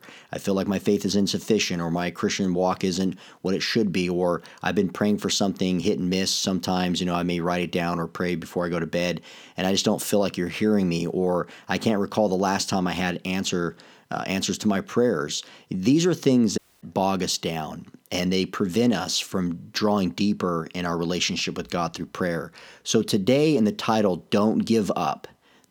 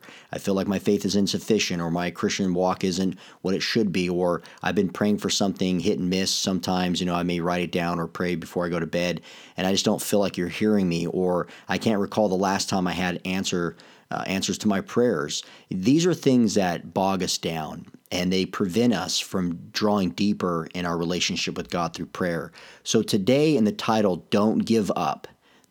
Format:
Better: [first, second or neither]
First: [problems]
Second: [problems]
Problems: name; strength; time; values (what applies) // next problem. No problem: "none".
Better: second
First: audio cutting out; at 17 s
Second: none